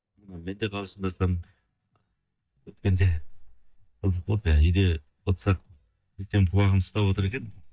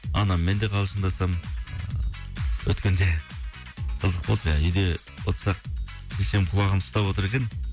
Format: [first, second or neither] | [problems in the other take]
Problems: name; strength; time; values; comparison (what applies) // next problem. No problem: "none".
second | noise reduction (neural mask model DeepFilterNet 3)